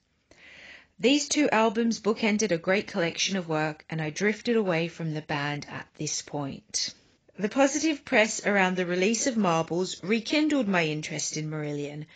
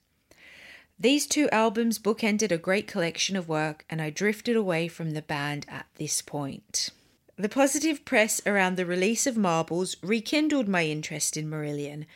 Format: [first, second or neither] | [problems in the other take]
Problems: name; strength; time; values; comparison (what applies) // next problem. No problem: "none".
second | garbled, watery; badly; nothing above 7.5 kHz